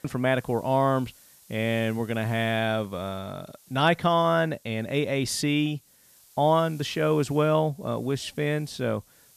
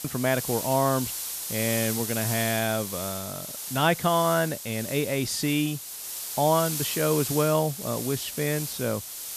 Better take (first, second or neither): first